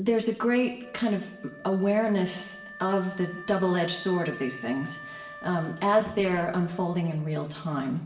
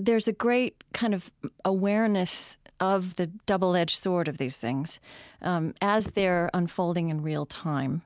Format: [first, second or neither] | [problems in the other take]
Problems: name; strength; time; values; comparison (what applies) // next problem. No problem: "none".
second | background sound (Wind instrument, woodwind instrument); 17 dB below the speech // room echo; dies away in 1 s